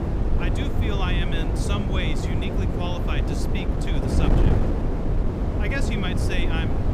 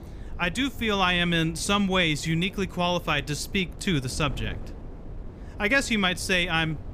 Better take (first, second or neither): second